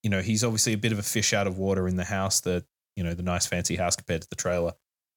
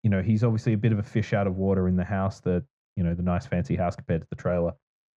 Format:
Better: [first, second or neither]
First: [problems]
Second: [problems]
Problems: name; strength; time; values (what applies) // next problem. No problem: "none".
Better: first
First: none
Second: muffled; very; fading above 1.5 kHz